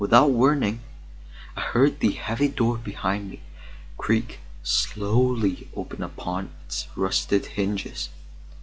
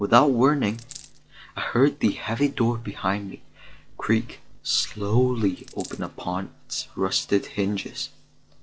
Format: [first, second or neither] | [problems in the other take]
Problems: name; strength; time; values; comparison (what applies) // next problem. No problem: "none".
first | noise reduction (neural separator model SepFormer DNS4)